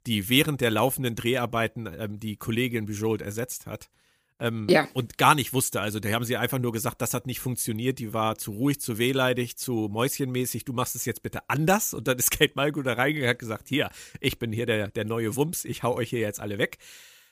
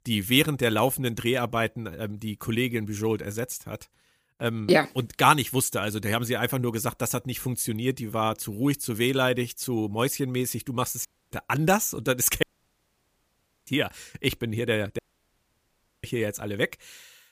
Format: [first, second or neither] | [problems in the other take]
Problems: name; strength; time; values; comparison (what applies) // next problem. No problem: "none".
first | audio cutting out; at 11 s, at 12 s for 1 s and at 15 s for 1 s